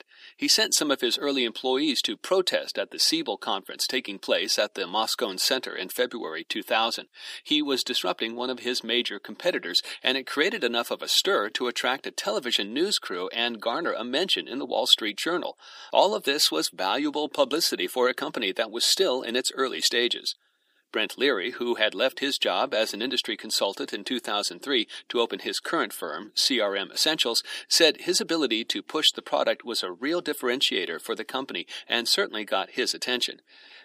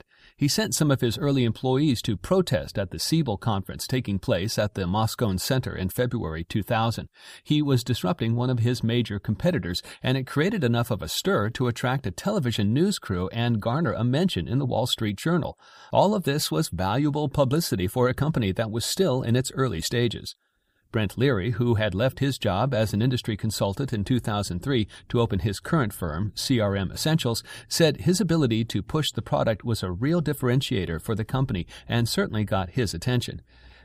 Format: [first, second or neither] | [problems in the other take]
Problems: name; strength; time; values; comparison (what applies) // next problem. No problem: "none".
second | thin; somewhat; fading below 300 Hz